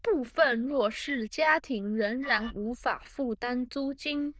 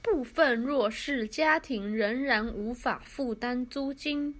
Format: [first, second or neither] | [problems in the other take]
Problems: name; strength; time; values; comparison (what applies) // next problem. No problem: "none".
second | noise reduction (neural diffusion model UNIVERSE++)